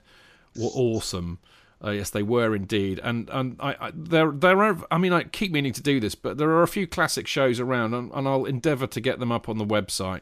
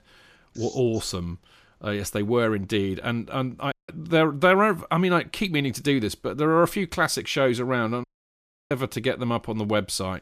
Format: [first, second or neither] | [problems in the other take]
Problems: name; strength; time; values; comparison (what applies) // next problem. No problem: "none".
first | audio cutting out; at 3.5 s and at 8 s for 0.5 s